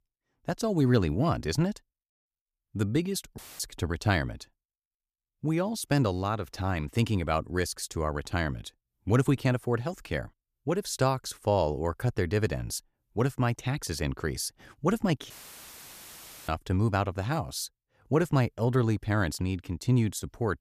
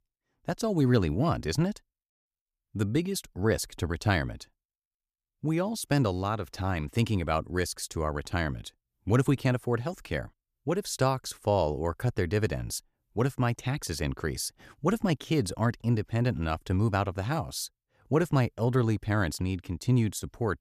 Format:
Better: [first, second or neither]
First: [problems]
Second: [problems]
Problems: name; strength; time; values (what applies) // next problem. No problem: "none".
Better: second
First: audio cutting out; filled with static; at 3.5 s and at 15 s for 1 s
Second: none